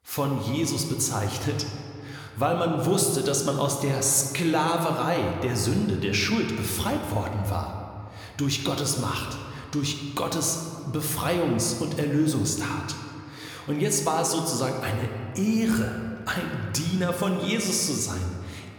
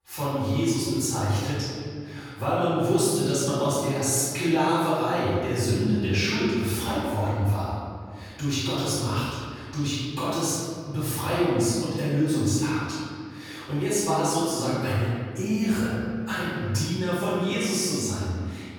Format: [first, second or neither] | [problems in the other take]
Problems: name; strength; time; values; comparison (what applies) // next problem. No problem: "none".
first | room echo; strong; dies away in 2 s; slight in the first // off-mic speech; far